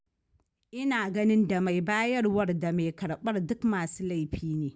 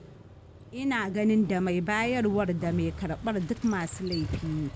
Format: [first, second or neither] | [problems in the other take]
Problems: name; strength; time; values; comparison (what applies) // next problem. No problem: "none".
first | background sound (Motorcycle); 12 dB below the speech